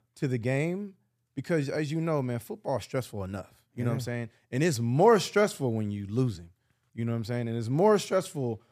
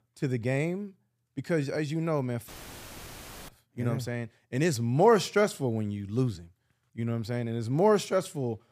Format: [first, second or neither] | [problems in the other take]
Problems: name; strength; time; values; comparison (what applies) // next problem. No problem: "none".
first | audio cutting out; filled with static; at 2.5 s for 1 s